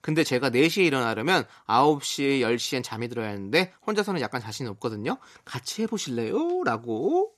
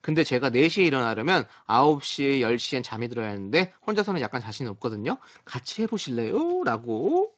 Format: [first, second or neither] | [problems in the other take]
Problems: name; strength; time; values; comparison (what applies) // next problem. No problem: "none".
first | garbled, watery; slightly; nothing above 7.5 kHz